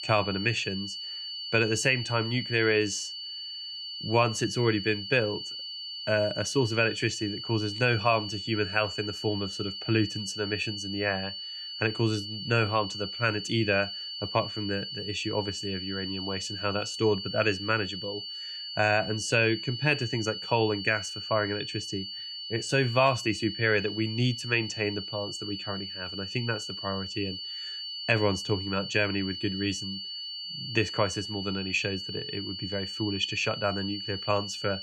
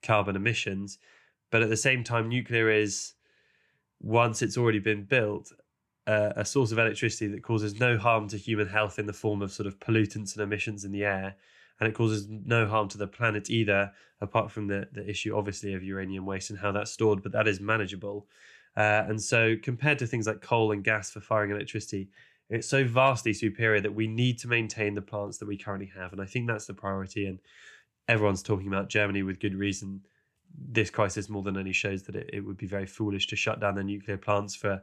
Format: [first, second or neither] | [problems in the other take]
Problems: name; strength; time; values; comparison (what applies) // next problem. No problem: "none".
second | high-pitched whine; loud; throughout; 4.5 kHz, 6 dB below the speech